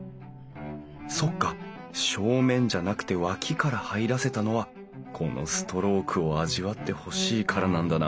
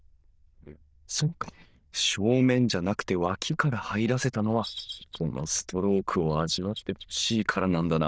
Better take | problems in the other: first | noise reduction (neural diffusion model UNIVERSE++)

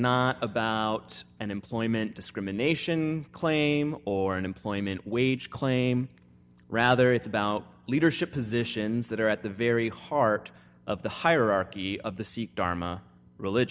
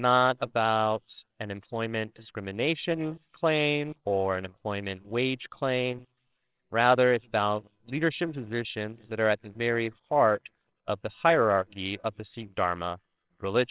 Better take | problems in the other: first | noise reduction (neural separator model SepFormer WHAMR!)

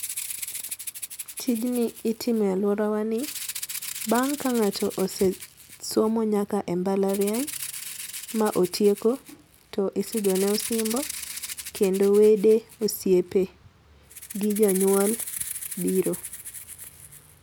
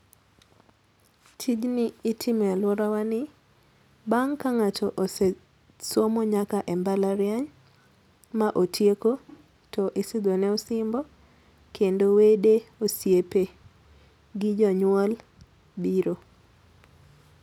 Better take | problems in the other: second | background sound (Rattle (instrument)); 11 dB below the speech

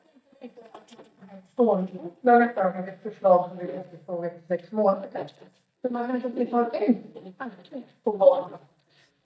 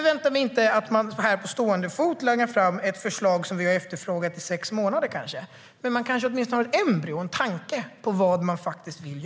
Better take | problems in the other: second | noise reduction (neural mask model DeepFilterNet 3)

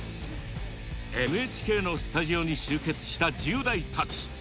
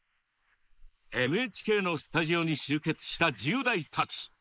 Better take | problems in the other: first | noise reduction (neural mask model Resemble Enhance denoiser)

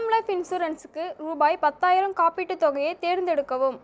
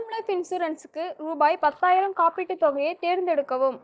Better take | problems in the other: first | noise reduction (neural mask model DeepFilterNet 3)

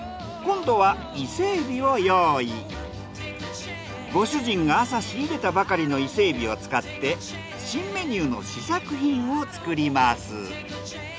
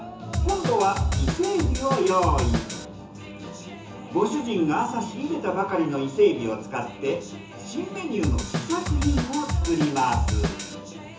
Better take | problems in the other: first | background sound (Drum kit); as loud as the speech // room echo; dies away in 0.8 s

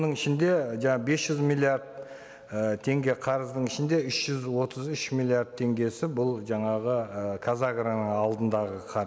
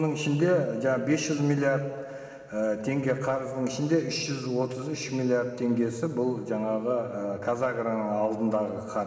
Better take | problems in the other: first | room echo; dies away in 2.8 s

